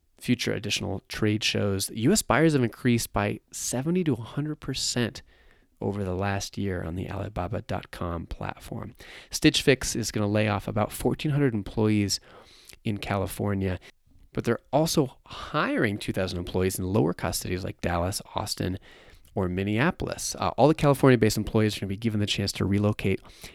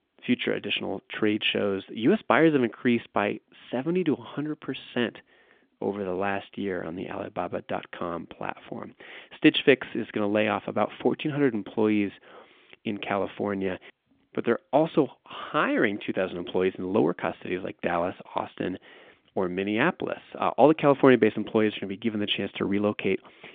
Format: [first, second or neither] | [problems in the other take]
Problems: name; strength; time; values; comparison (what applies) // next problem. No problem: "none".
first | phone-call audio; nothing above 3.5 kHz